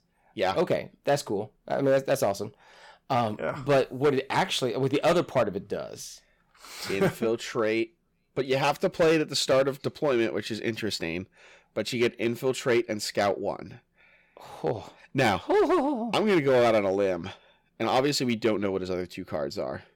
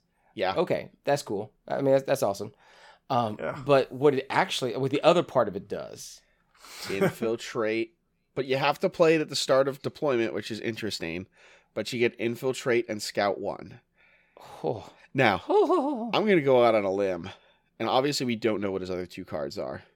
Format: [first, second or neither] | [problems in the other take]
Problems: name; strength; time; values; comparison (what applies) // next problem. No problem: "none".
second | distortion; slight; 4% of the sound clipped